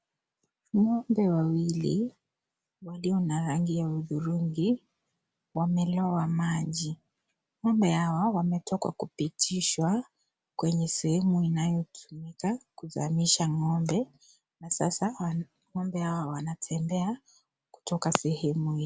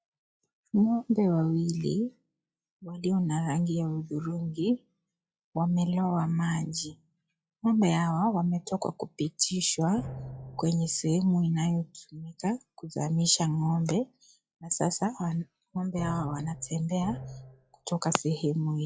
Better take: first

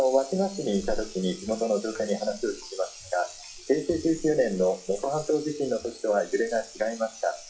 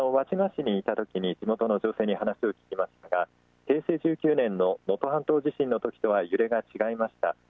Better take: second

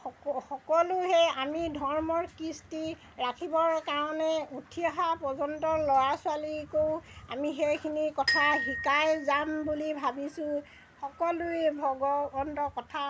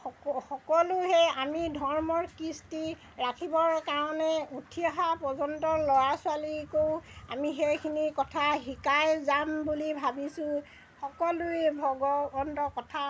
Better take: second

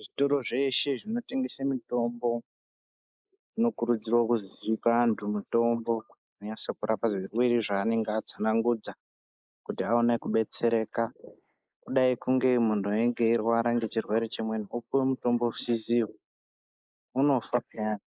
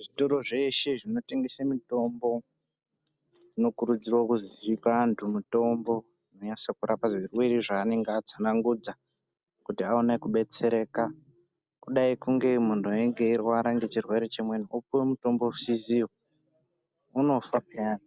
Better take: second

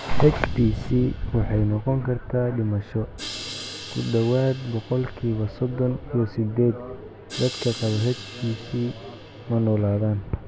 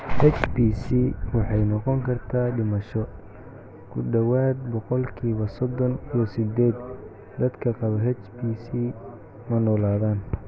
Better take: second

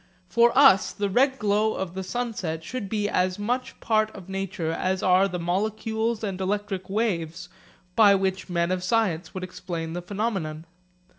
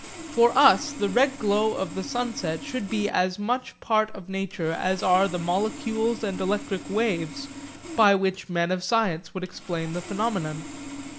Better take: first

